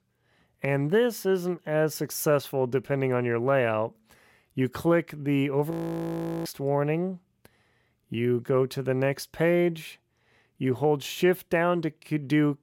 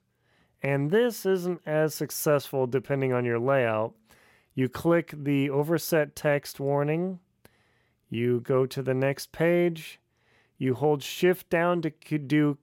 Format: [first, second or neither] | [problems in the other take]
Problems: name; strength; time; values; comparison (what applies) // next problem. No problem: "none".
second | audio freezing; at 5.5 s for 0.5 s